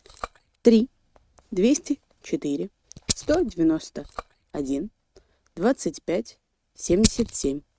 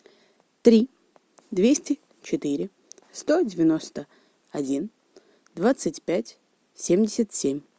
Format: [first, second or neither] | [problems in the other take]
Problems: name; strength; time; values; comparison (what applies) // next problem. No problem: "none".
second | noise reduction (neural mask model RNNoise)